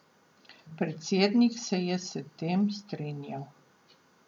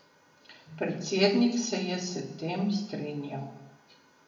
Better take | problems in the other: first | room echo; dies away in 0.7 s

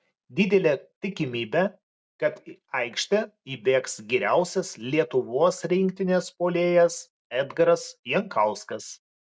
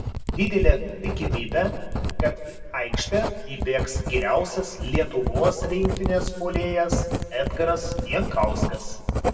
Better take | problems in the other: first | background sound (Writing); 1 dB below the speech // room echo; dies away in 1.5 s

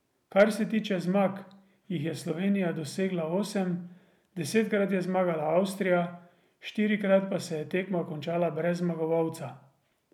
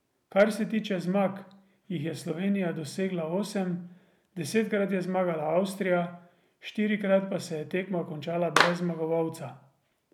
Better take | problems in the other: first | background sound (Clapping); as loud as the speech

